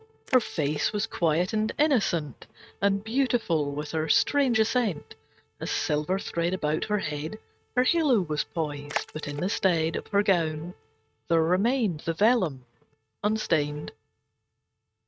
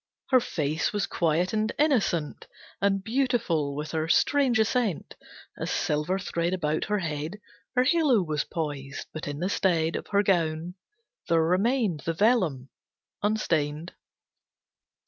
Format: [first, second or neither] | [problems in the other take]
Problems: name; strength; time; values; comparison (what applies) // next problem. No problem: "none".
second | noise reduction (neural mask model RNNoise)